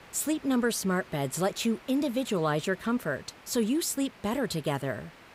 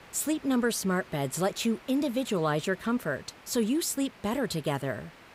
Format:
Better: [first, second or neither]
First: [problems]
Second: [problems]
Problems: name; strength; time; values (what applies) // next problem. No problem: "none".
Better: neither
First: hiss; faint; throughout; 20 dB below the speech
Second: hiss; faint; throughout; 20 dB below the speech